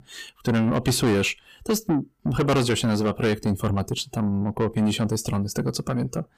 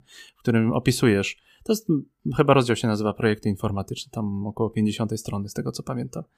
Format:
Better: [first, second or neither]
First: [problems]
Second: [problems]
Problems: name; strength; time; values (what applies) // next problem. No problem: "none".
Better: second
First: distortion; heavy; 6 dB below the speech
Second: none